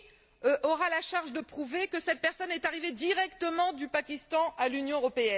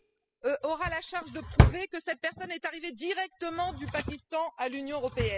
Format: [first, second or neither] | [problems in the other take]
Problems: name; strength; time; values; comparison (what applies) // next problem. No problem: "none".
first | noise reduction (classical method spectral subtraction)